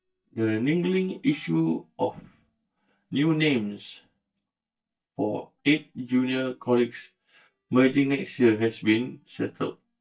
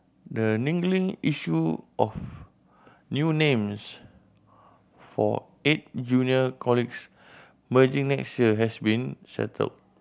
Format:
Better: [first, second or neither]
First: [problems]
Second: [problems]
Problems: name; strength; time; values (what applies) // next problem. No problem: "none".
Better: second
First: noise reduction (neural mask model DeepFilterNet 3)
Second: none